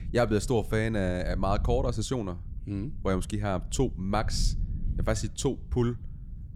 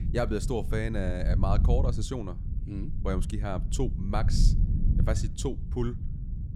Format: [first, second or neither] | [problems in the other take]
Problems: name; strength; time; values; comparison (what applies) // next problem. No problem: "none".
first | low rumble; loud; throughout; 10 dB below the speech; faint in the first